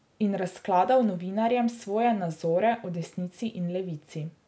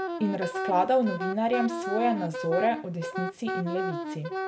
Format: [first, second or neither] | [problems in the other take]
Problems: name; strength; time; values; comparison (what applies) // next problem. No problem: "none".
first | background sound (Wind instrument, woodwind instrument); 5 dB below the speech